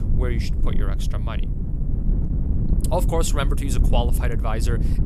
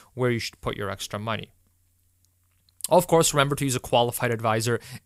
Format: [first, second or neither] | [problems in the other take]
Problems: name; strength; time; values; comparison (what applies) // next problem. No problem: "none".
second | wind noise on the microphone; heavy; 8 dB below the speech